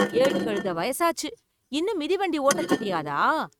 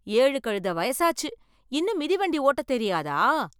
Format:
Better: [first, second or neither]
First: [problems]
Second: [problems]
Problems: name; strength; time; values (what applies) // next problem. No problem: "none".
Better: second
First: noise reduction (neural mask model RNNoise)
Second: none